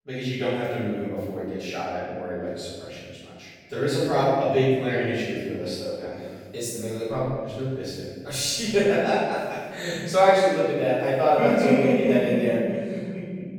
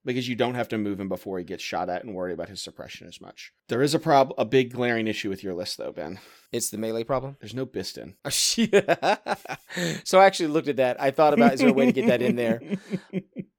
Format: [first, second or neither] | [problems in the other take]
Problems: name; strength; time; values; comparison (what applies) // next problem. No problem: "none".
second | off-mic speech; far // room echo; strong; dies away in 1.5 s